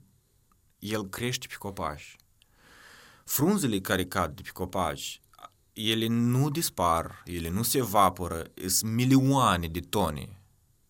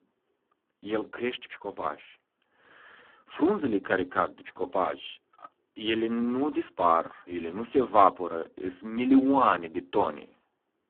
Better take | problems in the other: first | phone-call audio; poor line

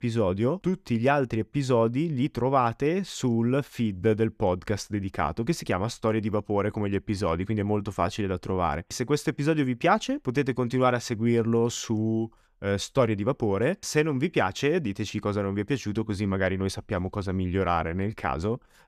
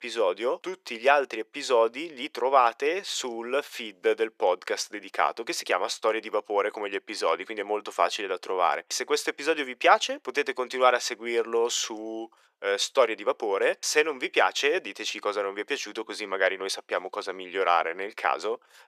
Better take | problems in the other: first | thin; very; fading below 450 Hz

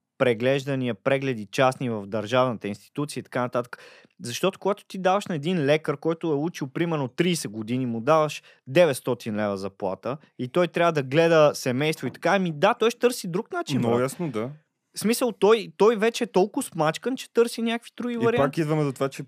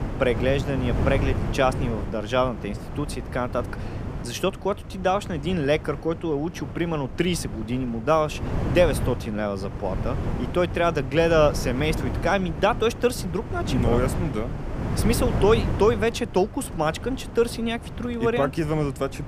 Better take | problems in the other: first | wind noise on the microphone; occasional gusts; 10 dB below the speech

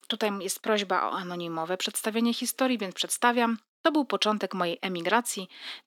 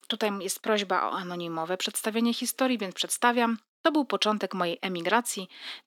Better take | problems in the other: neither | thin; somewhat; fading below 250 Hz; the same in both

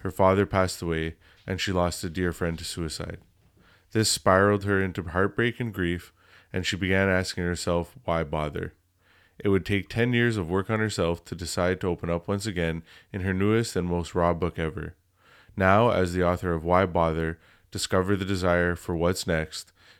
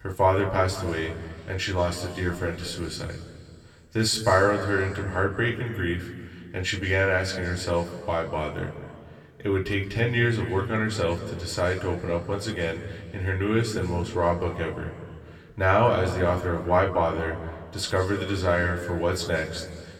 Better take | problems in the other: first | room echo; slight; dies away in 2.2 s // off-mic speech; somewhat distant

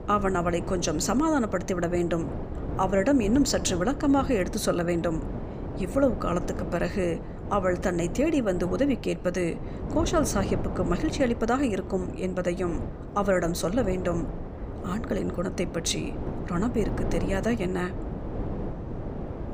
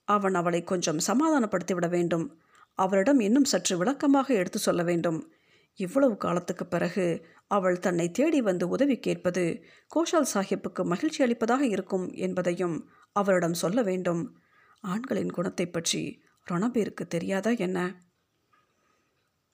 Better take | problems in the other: second | wind noise on the microphone; occasional gusts; 10 dB below the speech

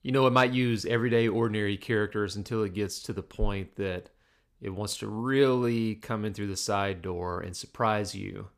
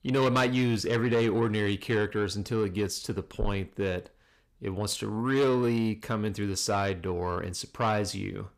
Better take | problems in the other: first | distortion; slight; 10 dB below the speech

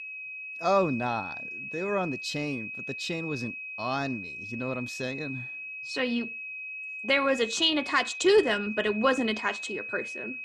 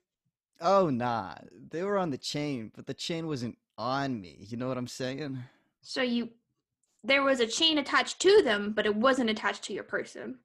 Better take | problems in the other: second | high-pitched whine; loud; throughout; 2.5 kHz, 7 dB below the speech

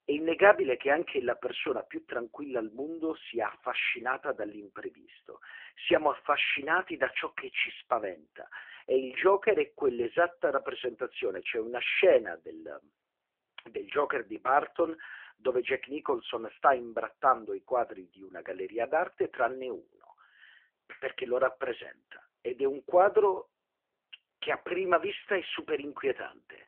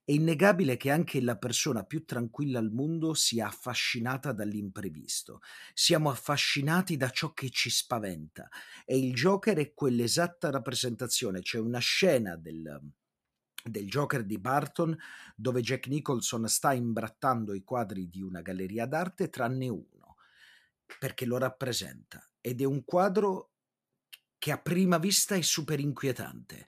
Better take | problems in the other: second | phone-call audio; poor line; nothing above 3 kHz

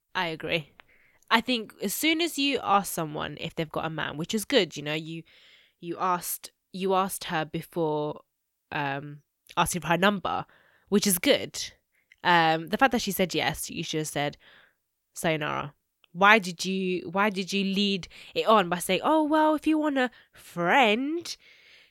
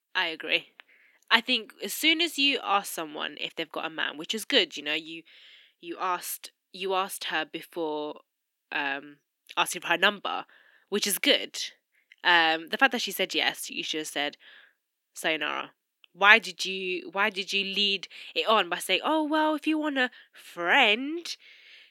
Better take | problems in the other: first | thin; very slightly; fading below 250 Hz

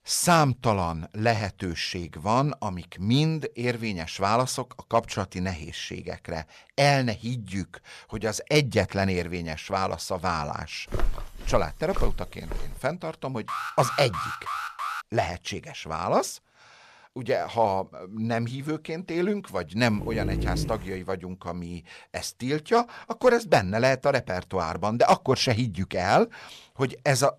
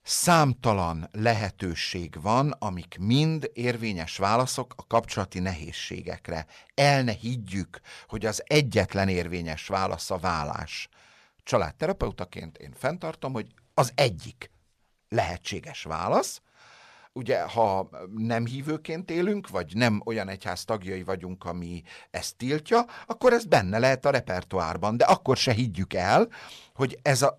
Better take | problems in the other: second | footsteps; noticeable; from 11 to 13 s; peak 6 dB below the speech // alarm; noticeable; from 13 to 15 s; peak 5 dB below the speech // dog barking; noticeable; at 20 s; peak 2 dB below the speech

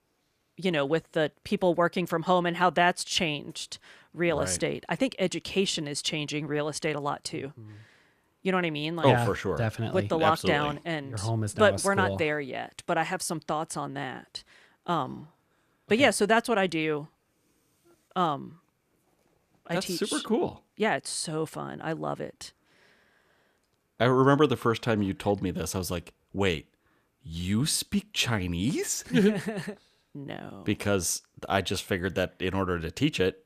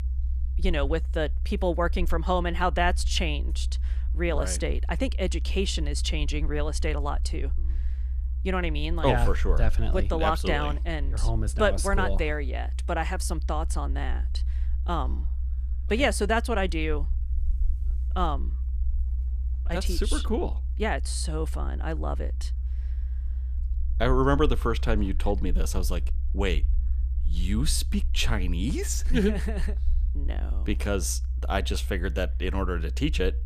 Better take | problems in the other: first | low rumble; faint; throughout; 20 dB below the speech

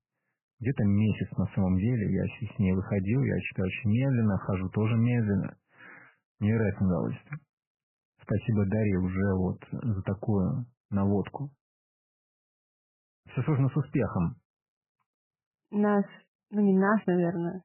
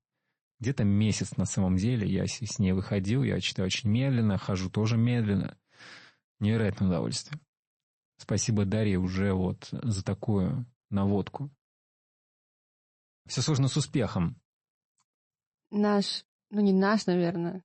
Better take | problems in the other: second | garbled, watery; badly; nothing above 3 kHz; slightly in the second

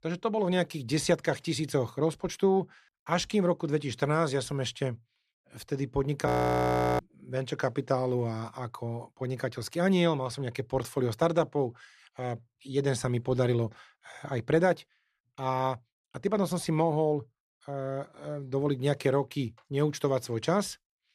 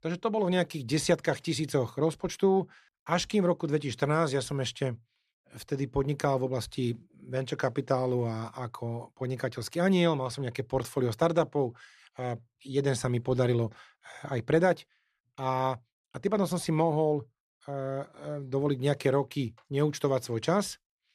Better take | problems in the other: second | audio freezing; at 6.5 s for 0.5 s

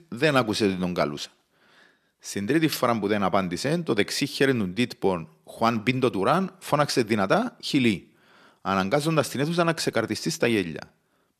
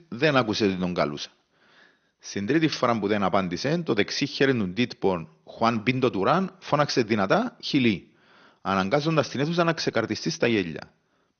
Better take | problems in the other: first | garbled, watery; slightly; nothing above 6.5 kHz

